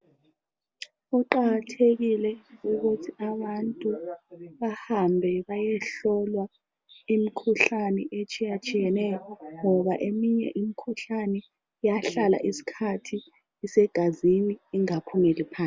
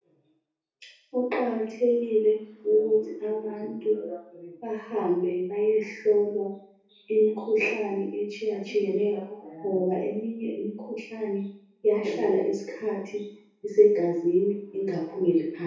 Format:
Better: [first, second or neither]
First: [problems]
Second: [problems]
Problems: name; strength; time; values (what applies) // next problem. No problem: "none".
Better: first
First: none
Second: room echo; dies away in 0.6 s